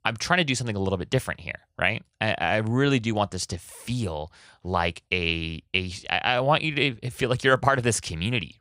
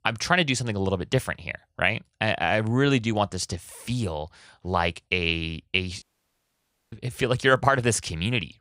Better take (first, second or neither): first